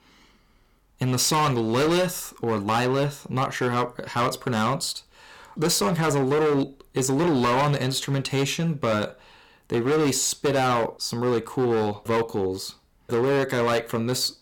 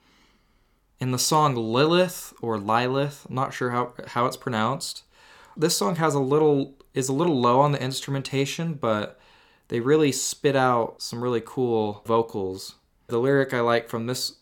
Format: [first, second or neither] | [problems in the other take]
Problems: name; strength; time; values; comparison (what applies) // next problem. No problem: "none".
second | distortion; heavy; 15% of the sound clipped